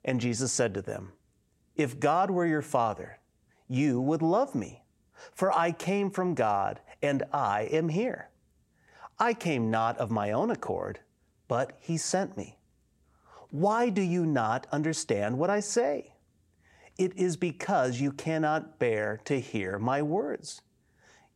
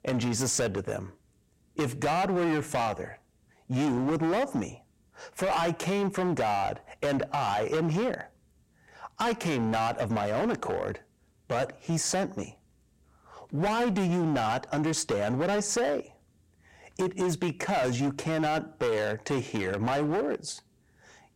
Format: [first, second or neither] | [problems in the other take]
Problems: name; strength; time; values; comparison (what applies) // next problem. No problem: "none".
first | distortion; heavy; 18% of the sound clipped